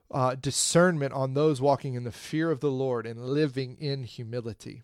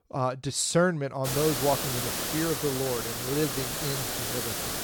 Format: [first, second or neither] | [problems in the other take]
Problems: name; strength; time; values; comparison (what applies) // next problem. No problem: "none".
first | hiss; loud; from 1.5 s on; 1 dB below the speech